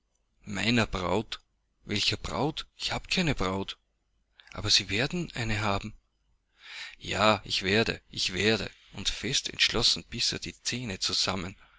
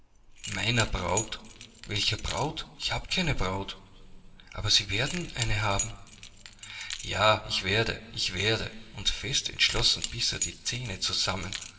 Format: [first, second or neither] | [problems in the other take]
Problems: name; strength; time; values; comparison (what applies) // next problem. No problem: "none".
first | background sound (Keys jangling); 12 dB below the speech // room echo; dies away in 2.1 s